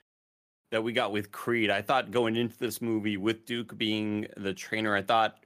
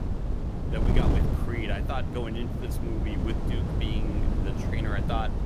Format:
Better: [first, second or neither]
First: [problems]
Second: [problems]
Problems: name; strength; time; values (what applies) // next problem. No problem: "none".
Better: first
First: none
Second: wind noise on the microphone; heavy; 1 dB below the speech